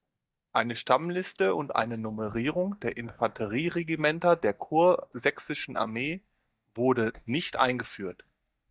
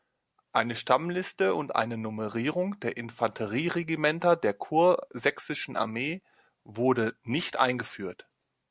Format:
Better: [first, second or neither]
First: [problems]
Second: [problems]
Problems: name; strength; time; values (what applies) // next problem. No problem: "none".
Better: second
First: noise reduction (neural mask model DeepFilterNet 3)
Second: none